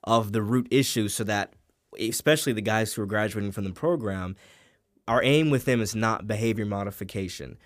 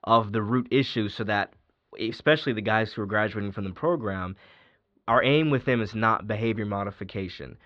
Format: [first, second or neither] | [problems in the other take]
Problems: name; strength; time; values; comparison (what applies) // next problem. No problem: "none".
first | muffled; slightly; fading above 4 kHz